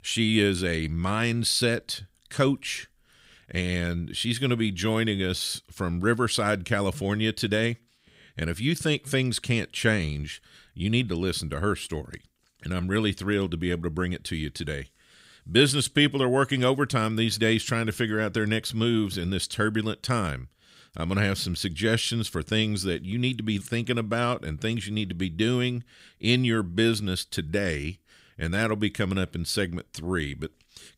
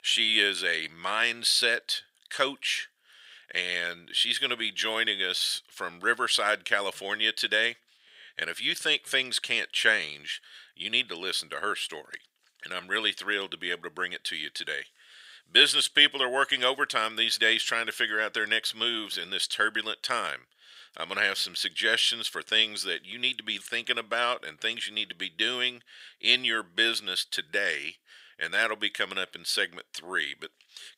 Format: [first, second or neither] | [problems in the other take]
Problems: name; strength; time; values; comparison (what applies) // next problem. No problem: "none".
first | thin; very; fading below 650 Hz